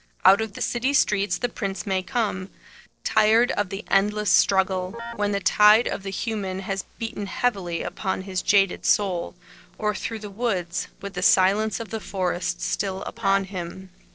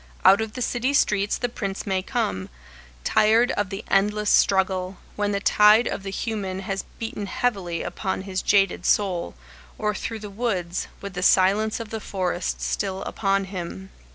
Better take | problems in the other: second | noise reduction (neural separator model SepFormer DNS4)

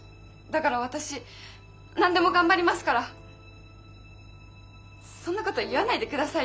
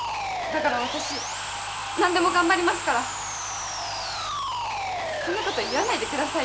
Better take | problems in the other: first | background sound (Sawing); 3 dB below the speech

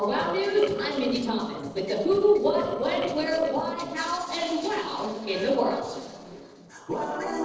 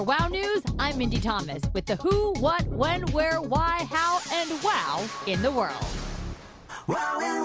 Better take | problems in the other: second | noise reduction (neural separator model SepFormer DNS4)

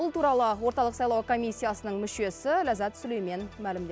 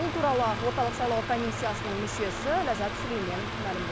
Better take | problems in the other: first | background sound (Mechanical fan); 4 dB below the speech

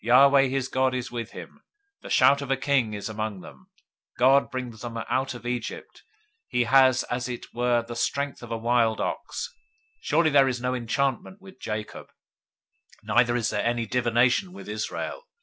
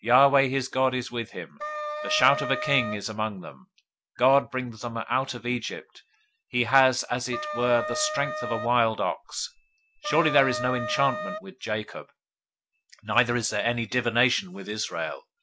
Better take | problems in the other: first | background sound (Wind instrument, woodwind instrument); 5 dB below the speech

